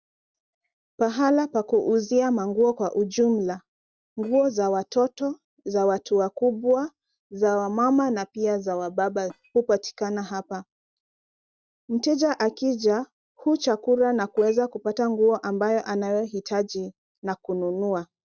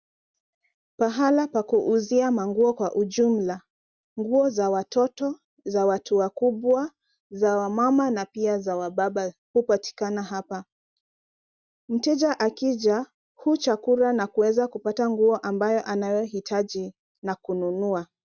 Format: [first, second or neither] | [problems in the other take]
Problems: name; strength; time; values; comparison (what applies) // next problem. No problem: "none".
second | noise reduction (neural separator model SepFormer DNS4)